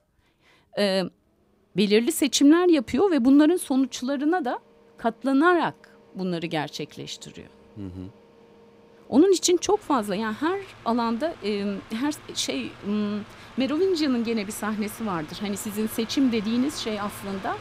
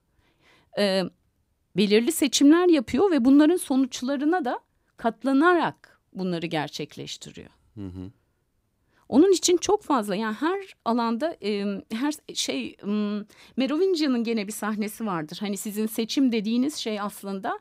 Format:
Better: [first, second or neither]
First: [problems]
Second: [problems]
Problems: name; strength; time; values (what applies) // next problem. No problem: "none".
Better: second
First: machinery noise; faint; throughout; 20 dB below the speech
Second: none